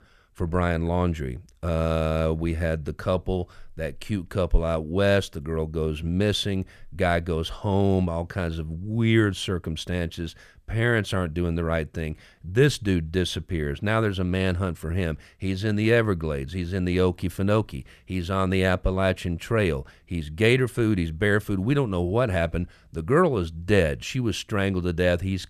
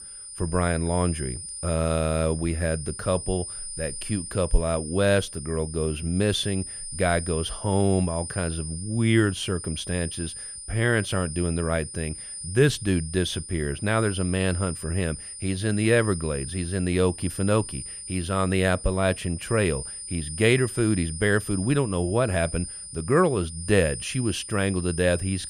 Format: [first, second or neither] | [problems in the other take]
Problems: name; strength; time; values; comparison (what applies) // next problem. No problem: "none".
first | high-pitched whine; loud; throughout; 9 kHz, 9 dB below the speech